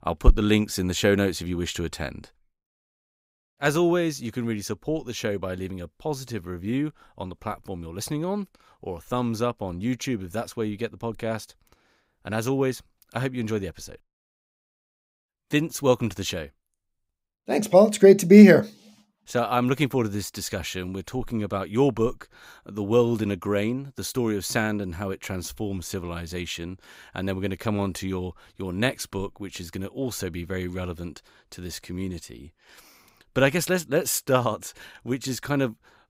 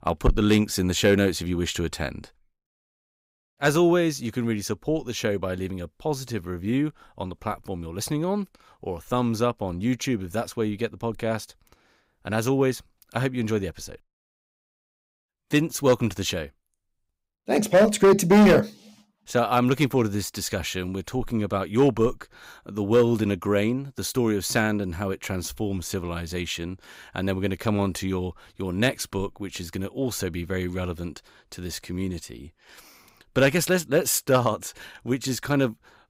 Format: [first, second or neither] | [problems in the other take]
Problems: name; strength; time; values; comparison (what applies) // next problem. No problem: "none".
first | distortion; heavy; 1.2% of the sound clipped